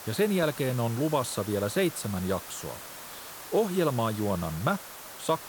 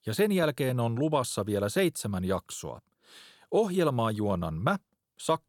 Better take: second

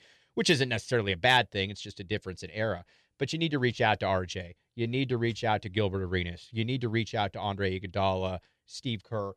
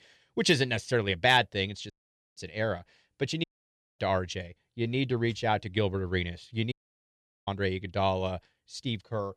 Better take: first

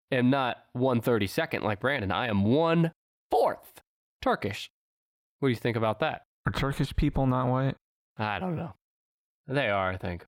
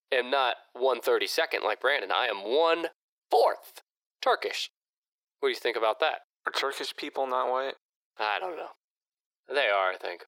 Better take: first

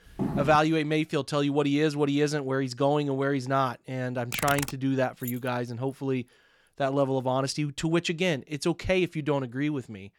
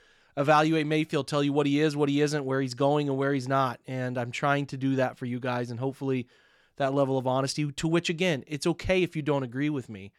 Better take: second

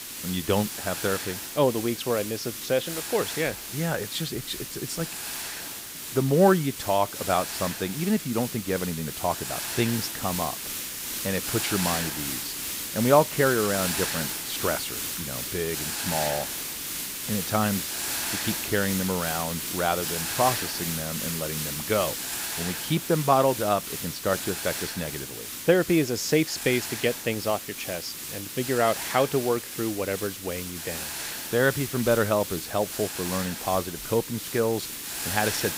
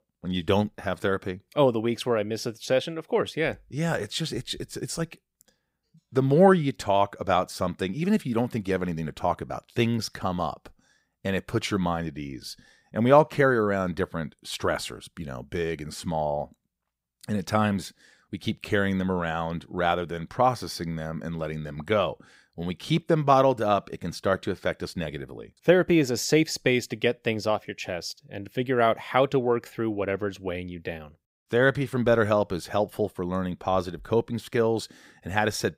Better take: second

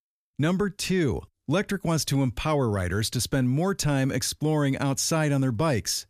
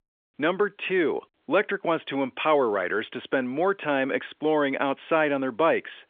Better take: first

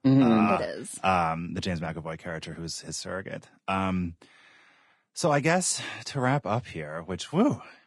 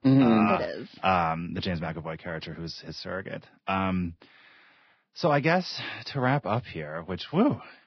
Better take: first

